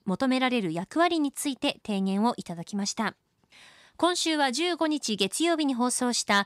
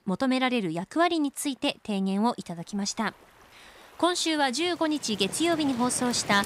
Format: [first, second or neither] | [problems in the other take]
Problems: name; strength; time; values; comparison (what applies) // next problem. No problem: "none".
first | rain or running water; noticeable; throughout; 15 dB below the speech